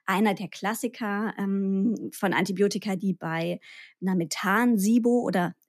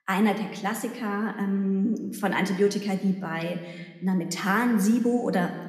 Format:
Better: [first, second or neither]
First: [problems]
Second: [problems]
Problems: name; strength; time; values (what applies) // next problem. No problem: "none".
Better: first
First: none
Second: room echo; slight; dies away in 1.1 s